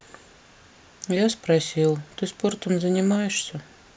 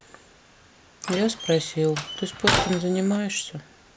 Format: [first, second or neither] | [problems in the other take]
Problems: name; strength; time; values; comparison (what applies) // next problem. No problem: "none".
first | background sound (Slam); 2 dB below the speech